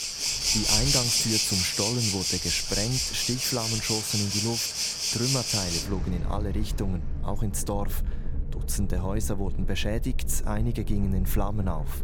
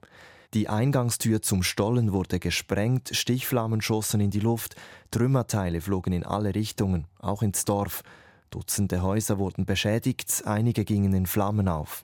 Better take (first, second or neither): second